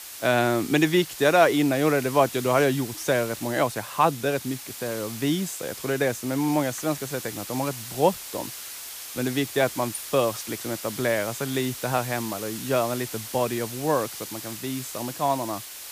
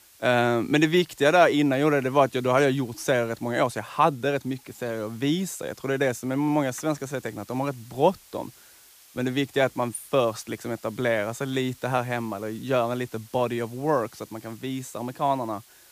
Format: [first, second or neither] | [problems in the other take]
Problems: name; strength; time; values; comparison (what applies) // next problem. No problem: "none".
second | hiss; loud; throughout; 10 dB below the speech; faint in the second